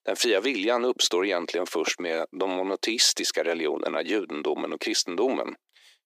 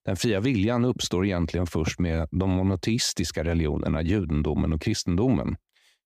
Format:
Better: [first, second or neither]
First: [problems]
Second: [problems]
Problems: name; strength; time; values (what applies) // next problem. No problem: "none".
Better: second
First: thin; very; fading below 350 Hz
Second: none